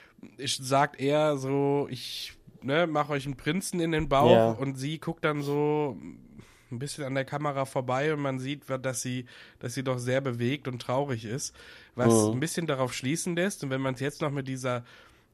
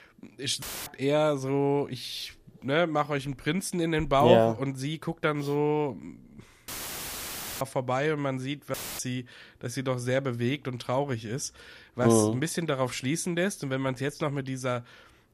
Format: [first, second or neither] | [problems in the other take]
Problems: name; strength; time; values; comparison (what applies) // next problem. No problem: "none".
first | audio cutting out; filled with static; at 0.5 s, at 6.5 s for 1 s and at 8.5 s